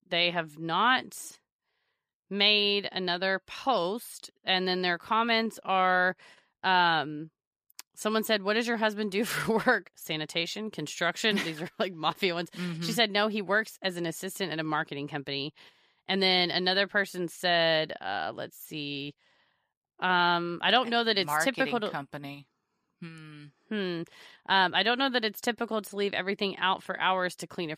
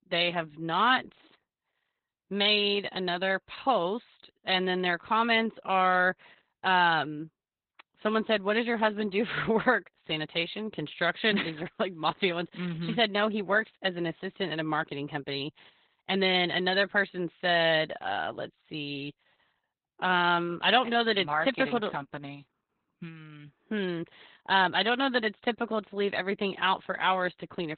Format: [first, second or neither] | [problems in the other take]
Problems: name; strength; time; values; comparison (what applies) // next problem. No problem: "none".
first | garbled, watery; badly; nothing above 4 kHz